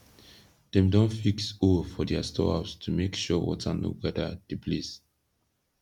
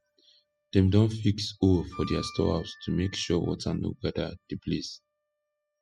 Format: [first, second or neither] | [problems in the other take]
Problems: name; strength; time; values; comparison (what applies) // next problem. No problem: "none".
first | noise reduction (classical method spectral subtraction)